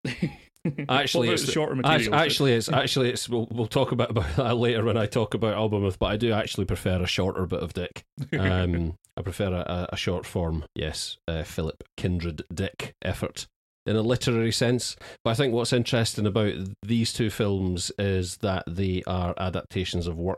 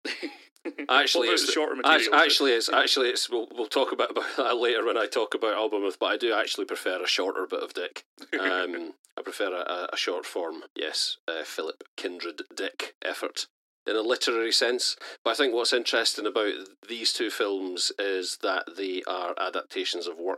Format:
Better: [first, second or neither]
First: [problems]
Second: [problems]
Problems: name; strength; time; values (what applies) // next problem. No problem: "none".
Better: first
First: none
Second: thin; very; fading below 300 Hz